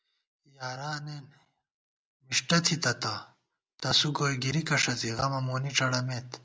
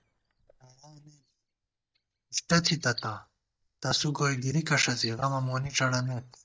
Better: first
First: none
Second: noise reduction (neural mask model DeepFilterNet 3)

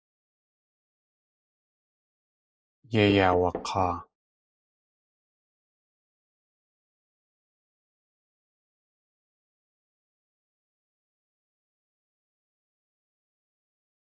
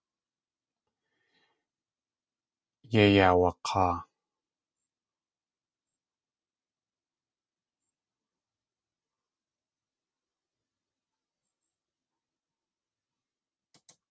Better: second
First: noise reduction (neural mask model Resemble Enhance denoiser)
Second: none

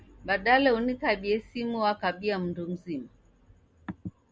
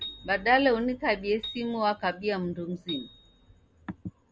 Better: first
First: none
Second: background sound (Piano); 17 dB below the speech

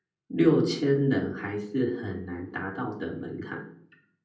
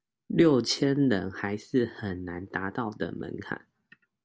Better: second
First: room echo; dies away in 0.6 s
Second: none

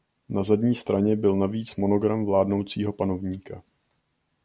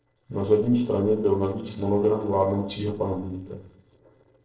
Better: first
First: none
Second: noise reduction (neural separator model SepFormer DNS4)

